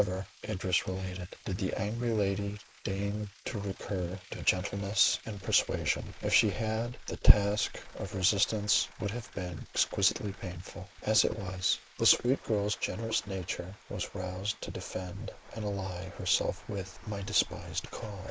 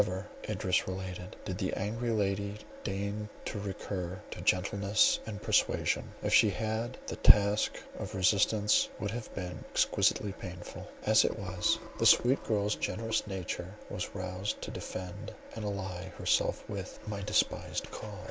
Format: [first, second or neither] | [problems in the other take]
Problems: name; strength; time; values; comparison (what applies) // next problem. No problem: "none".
second | noise reduction (neural mask model Resemble Enhance denoiser)